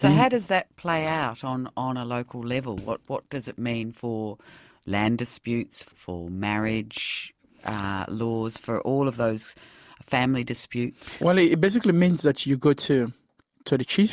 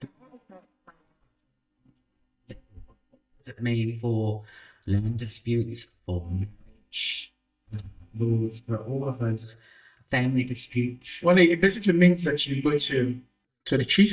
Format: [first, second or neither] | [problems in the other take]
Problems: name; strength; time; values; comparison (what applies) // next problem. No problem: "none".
first | noise reduction (neural mask model DeepFilterNet 3)